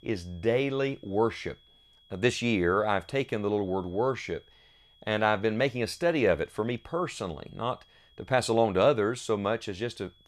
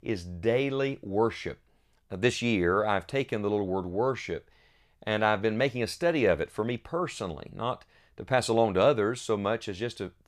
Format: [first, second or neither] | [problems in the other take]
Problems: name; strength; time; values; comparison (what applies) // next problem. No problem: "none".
second | high-pitched whine; faint; throughout; 3.5 kHz, 30 dB below the speech